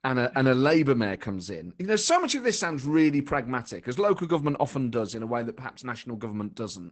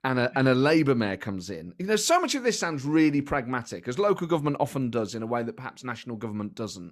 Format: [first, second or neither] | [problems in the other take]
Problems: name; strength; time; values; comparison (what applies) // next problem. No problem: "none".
second | garbled, watery; badly; nothing above 8 kHz